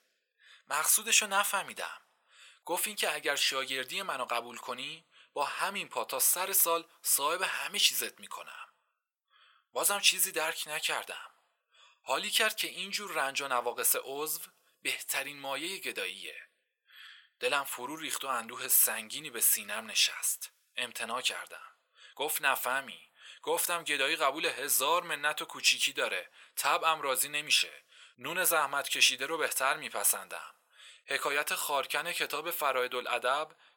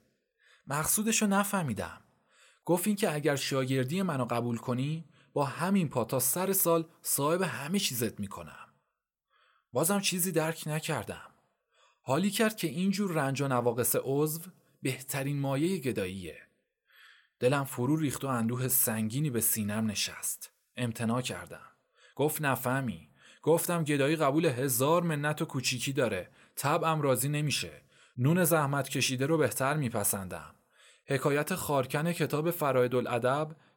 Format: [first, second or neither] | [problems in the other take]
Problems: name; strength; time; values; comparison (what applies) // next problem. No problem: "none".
second | thin; very; fading below 800 Hz